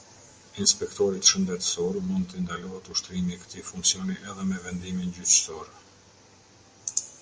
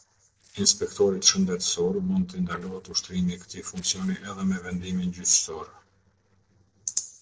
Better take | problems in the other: first | noise reduction (neural separator model SepFormer DNS4)

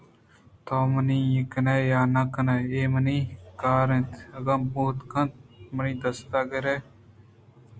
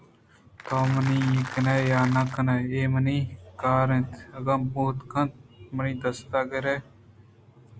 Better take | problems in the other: first | background sound (Applause); 11 dB below the speech

